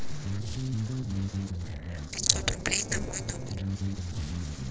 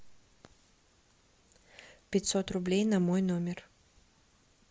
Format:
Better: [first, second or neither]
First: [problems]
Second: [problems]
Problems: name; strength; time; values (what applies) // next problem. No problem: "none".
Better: second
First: noise reduction (neural separator model SepFormer DNS4)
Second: none